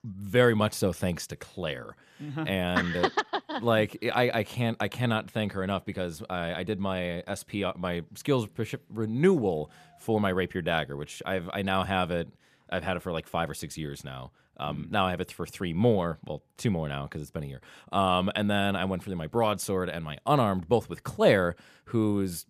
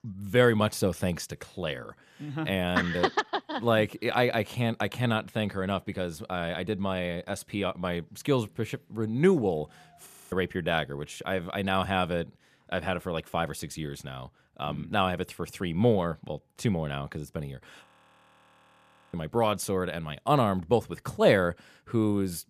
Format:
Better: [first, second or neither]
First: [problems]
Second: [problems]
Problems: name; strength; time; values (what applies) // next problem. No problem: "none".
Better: first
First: none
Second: audio freezing; at 10 s and at 18 s for 1.5 s